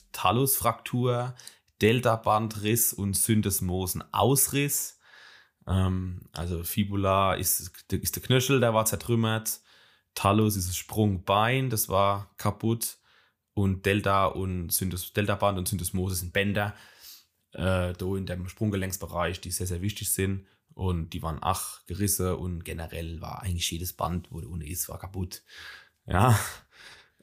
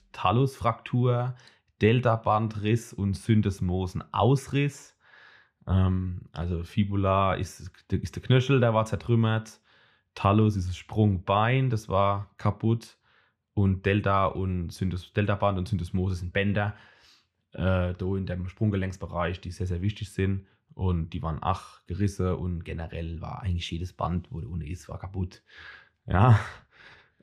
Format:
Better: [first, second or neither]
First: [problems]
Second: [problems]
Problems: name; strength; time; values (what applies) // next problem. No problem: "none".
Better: first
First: none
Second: muffled; slightly; fading above 3 kHz